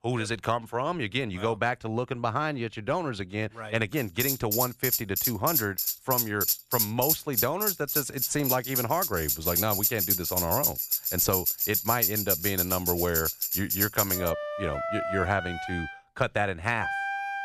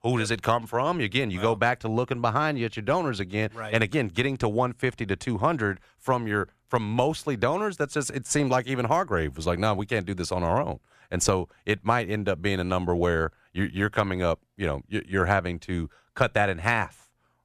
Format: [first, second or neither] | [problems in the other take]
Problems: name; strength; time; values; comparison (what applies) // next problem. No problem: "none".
second | background music; very loud; from 4 s on; 3 dB above the speech